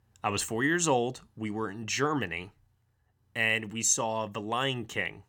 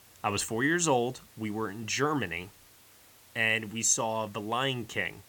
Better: first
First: none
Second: hiss; faint; throughout; 25 dB below the speech

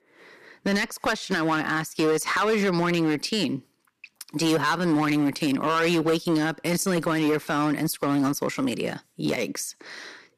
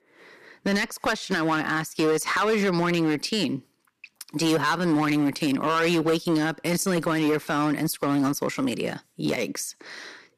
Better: neither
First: distortion; slight; 9% of the sound clipped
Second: distortion; slight; 9% of the sound clipped

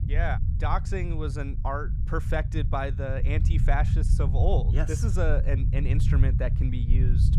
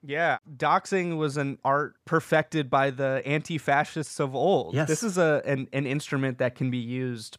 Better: second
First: low rumble; loud; throughout; 9 dB below the speech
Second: none

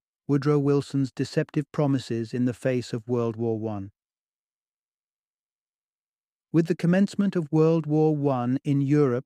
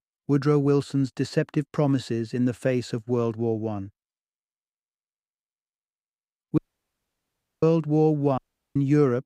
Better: first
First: none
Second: audio cutting out; at 6.5 s for 1 s and at 8.5 s

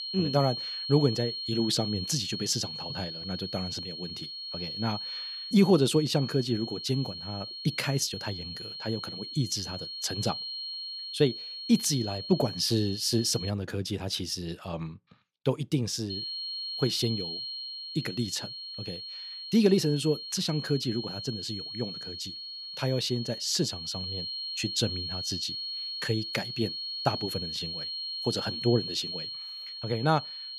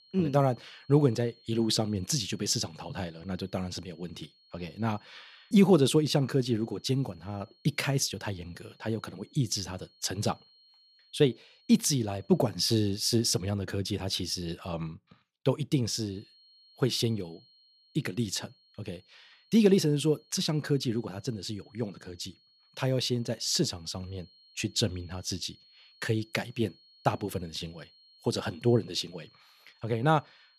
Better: second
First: high-pitched whine; loud; until 14 s and from 16 s on; 4.5 kHz, 5 dB below the speech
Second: high-pitched whine; faint; until 14 s and from 16 s on; 4.5 kHz, 30 dB below the speech

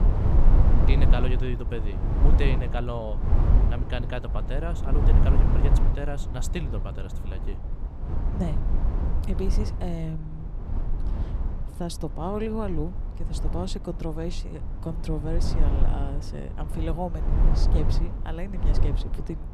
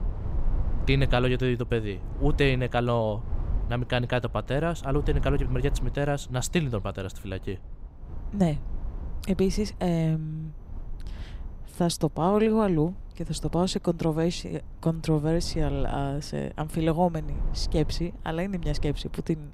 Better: second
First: low rumble; loud; throughout; 3 dB below the speech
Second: low rumble; faint; throughout; 20 dB below the speech

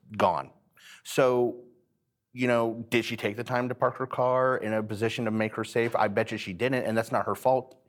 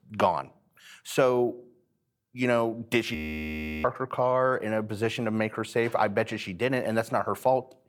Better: first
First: none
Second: audio freezing; at 3 s for 0.5 s

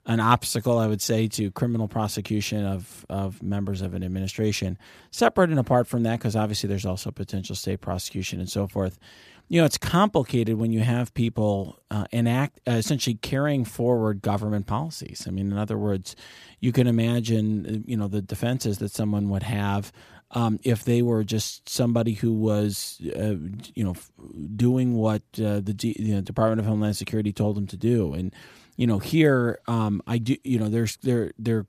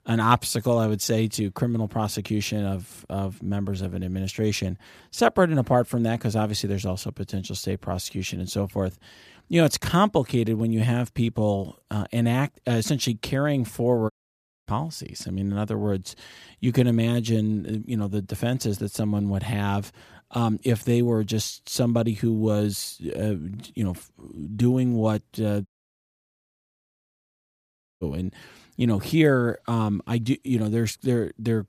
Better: first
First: none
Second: audio cutting out; at 14 s for 0.5 s and at 26 s for 2.5 s

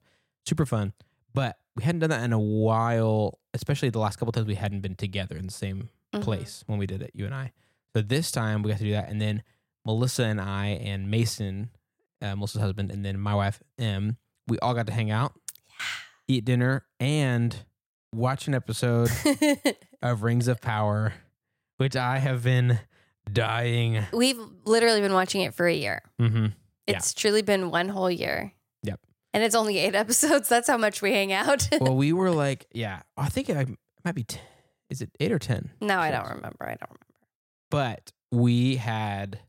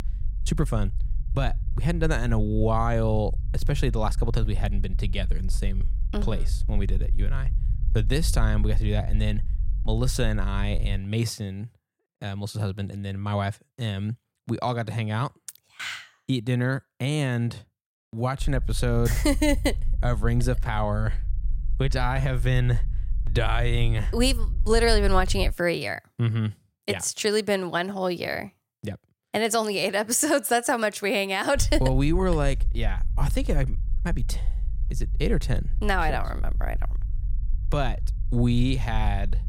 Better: first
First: none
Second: low rumble; faint; until 11 s, from 18 to 26 s and from 32 s on; 25 dB below the speech

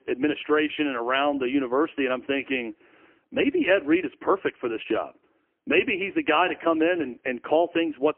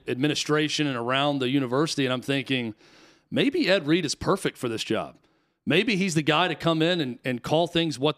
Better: second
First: phone-call audio; poor line; nothing above 3 kHz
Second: none

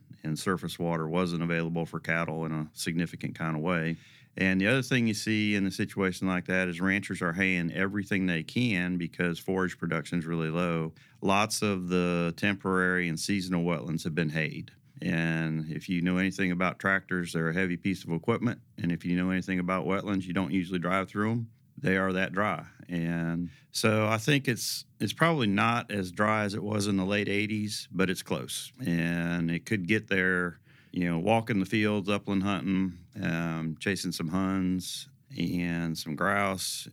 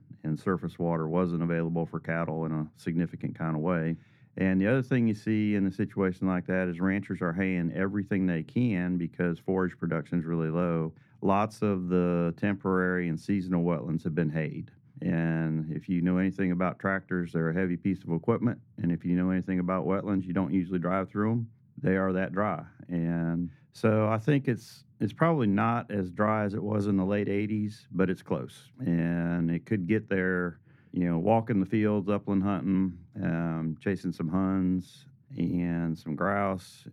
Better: first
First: none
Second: muffled; very; fading above 2 kHz

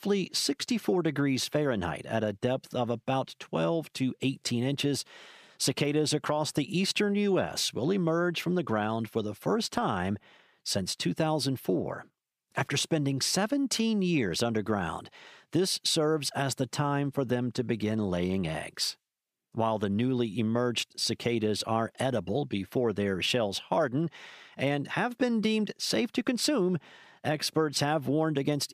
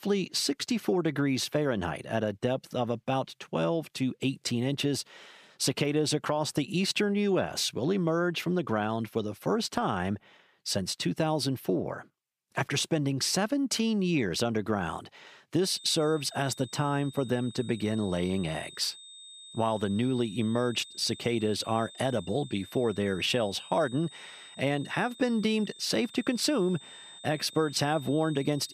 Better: first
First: none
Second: high-pitched whine; noticeable; from 16 s on; 3.5 kHz, 15 dB below the speech

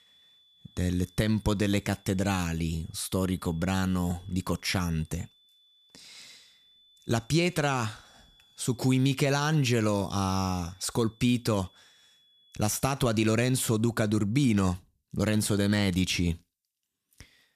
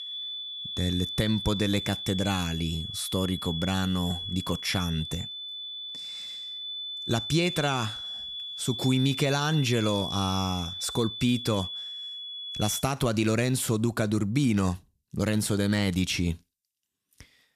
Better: first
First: high-pitched whine; faint; until 13 s; 3.5 kHz, 30 dB below the speech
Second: high-pitched whine; loud; until 13 s; 3.5 kHz, 6 dB below the speech

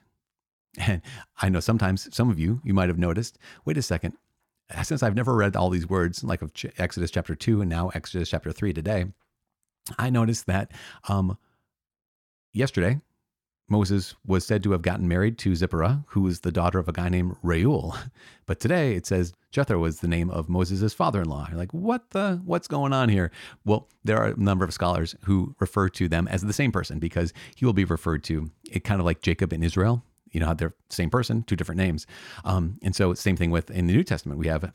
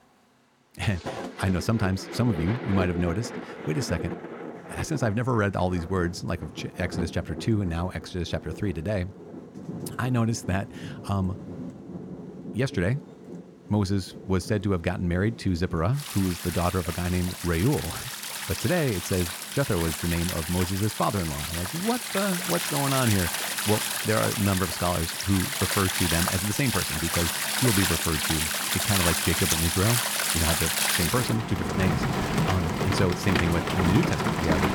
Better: first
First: none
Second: rain or running water; loud; throughout; as loud as the speech

